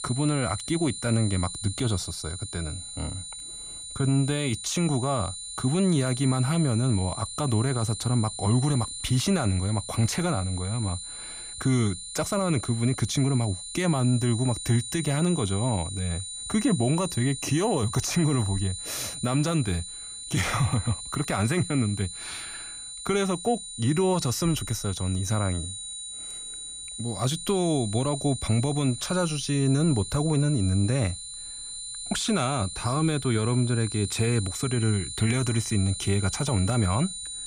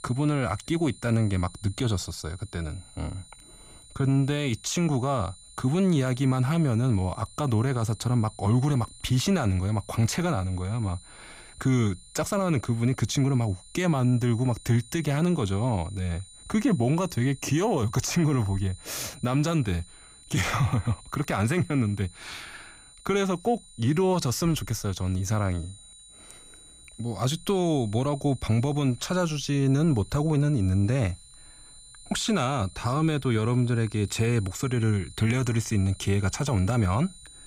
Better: second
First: high-pitched whine; loud; throughout; 9.5 kHz, 8 dB below the speech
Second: high-pitched whine; faint; throughout; 9.5 kHz, 20 dB below the speech

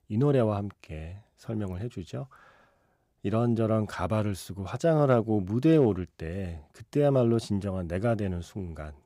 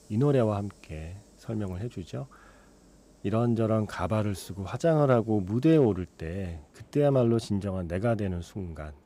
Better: first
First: none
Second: hiss; faint; throughout; 30 dB below the speech

